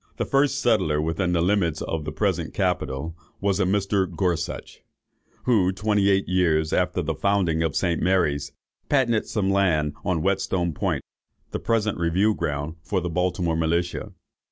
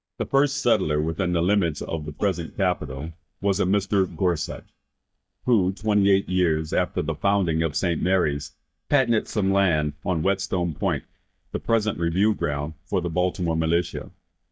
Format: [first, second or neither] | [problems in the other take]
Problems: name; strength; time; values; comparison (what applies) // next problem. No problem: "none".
first | noise reduction (neural mask model DeepFilterNet 3)